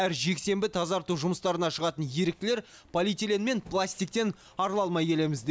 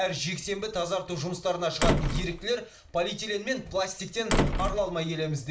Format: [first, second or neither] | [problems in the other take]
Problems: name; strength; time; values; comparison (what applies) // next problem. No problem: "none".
first | background sound (Slam); as loud as the speech // room echo; dies away in 0.4 s